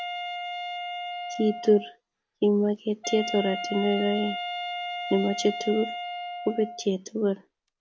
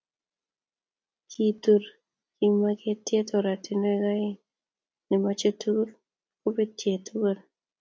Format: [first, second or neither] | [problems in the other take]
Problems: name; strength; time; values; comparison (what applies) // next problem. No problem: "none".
second | background sound (Wind instrument, woodwind instrument); 7 dB below the speech